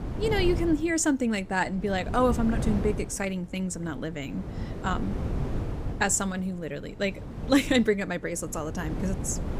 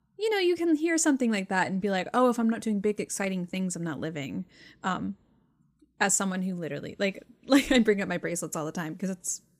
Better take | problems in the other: second | wind noise on the microphone; occasional gusts; 10 dB below the speech

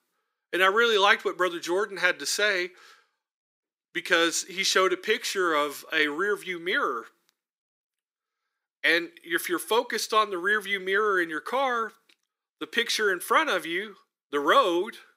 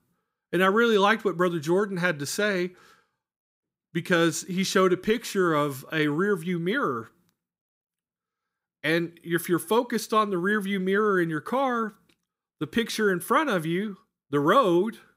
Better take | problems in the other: second | thin; somewhat; fading below 350 Hz

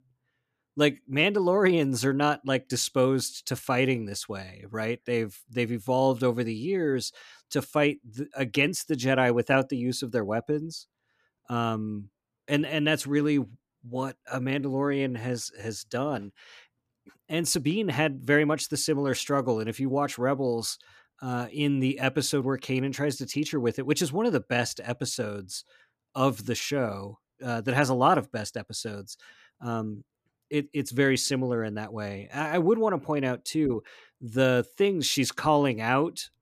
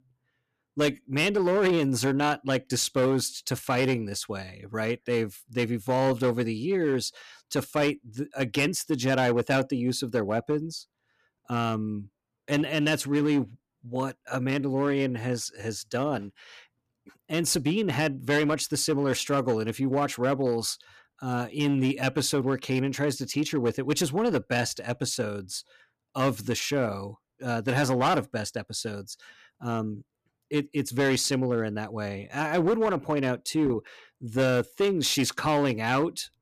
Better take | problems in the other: first | distortion; slight; 6% of the sound clipped

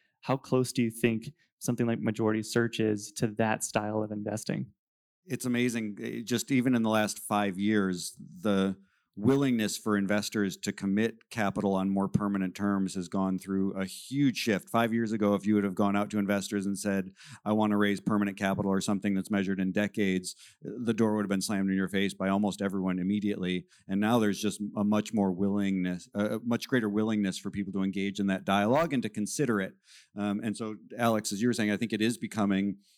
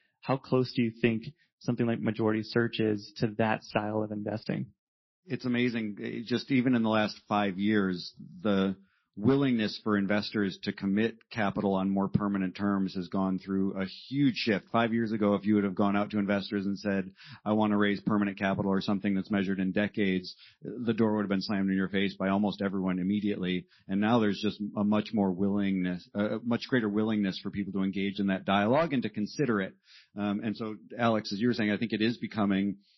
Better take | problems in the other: first | garbled, watery; slightly; nothing above 5.5 kHz

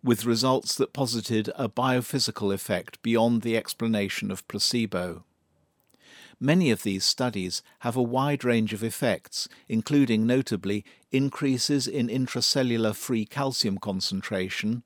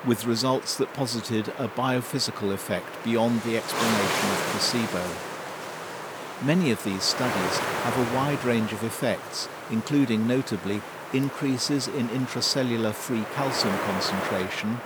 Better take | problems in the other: first | wind noise on the microphone; heavy; 2 dB below the speech

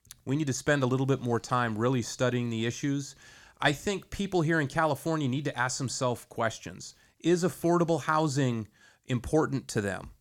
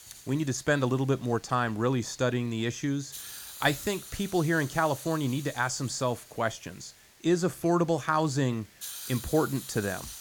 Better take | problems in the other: first | hiss; noticeable; throughout; 15 dB below the speech

